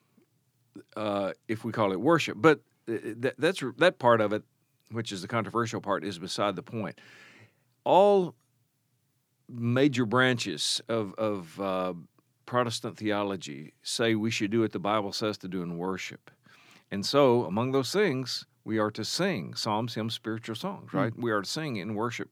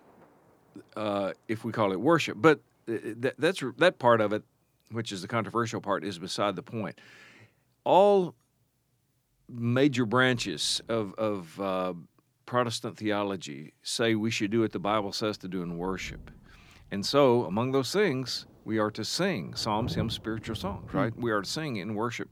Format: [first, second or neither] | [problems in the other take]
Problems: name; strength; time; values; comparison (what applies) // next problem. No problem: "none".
first | rain or running water; noticeable; throughout; 15 dB below the speech